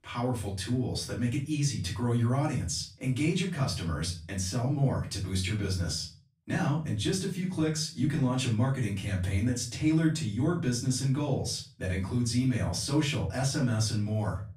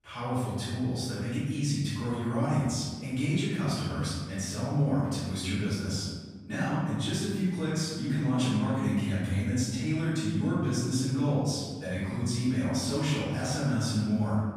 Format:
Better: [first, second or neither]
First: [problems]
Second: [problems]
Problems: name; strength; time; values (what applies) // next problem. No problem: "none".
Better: first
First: room echo; slight; dies away in 0.3 s // off-mic speech; far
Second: room echo; strong; dies away in 1.4 s // off-mic speech; far